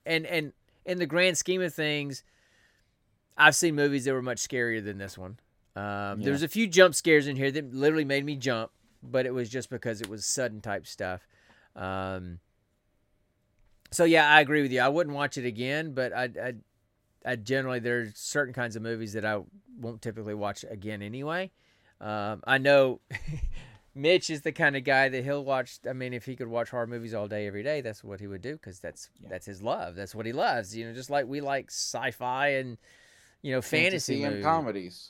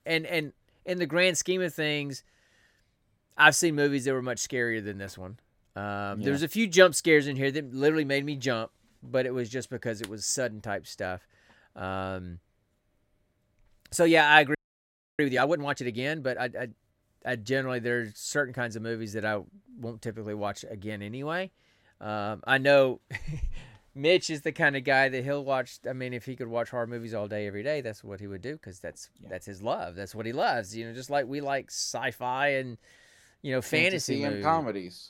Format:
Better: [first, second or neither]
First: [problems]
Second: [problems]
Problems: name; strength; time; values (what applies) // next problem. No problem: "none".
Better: first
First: none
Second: audio freezing; at 15 s for 0.5 s